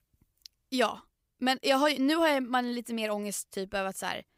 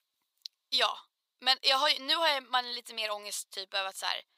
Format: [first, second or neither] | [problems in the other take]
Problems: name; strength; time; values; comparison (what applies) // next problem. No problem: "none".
first | thin; very; fading below 800 Hz